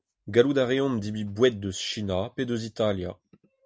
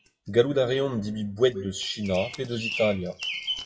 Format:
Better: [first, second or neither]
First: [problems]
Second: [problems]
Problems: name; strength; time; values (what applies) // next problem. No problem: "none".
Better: first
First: none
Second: noise reduction (classical method WPE with log-MMSE)